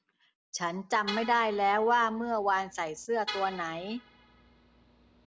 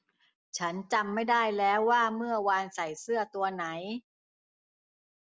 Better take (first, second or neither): second